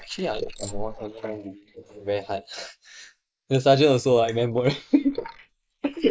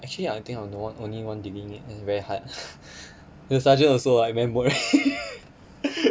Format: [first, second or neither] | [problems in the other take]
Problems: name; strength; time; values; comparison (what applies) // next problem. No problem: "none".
second | noise reduction (neural mask model Resemble Enhance denoiser)